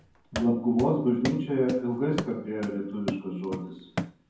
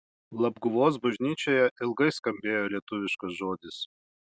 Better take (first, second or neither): second